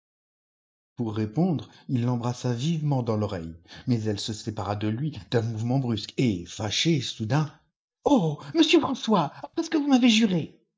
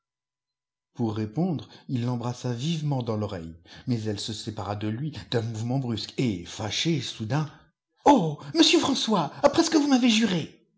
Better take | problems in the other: second | noise reduction (neural mask model DeepFilterNet 3)

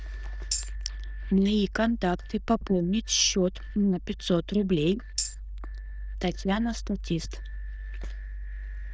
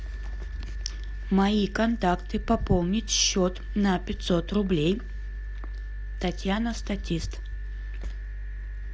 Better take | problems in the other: second | noise reduction (neural diffusion model UNIVERSE++)

